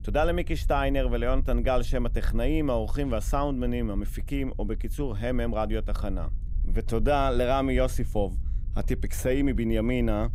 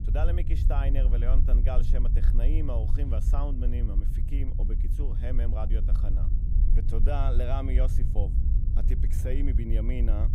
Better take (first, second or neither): first